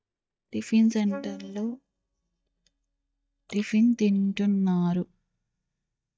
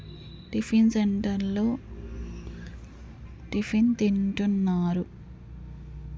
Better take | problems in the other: second | noise reduction (neural mask model DeepFilterNet 3)

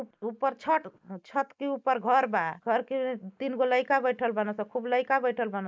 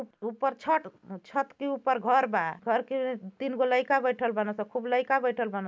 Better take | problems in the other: second | noise reduction (neural mask model Resemble Enhance denoiser)

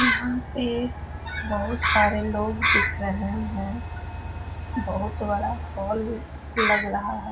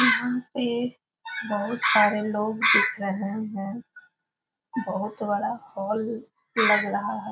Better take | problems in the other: second | background sound (Train); 7 dB below the speech

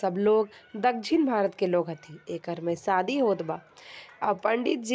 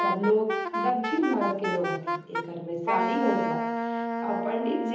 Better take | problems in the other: first | background sound (Wind instrument, woodwind instrument); 1 dB below the speech // room echo; dies away in 1.3 s

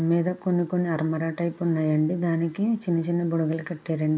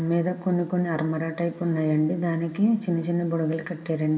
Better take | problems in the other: first | room echo; dies away in 1.3 s

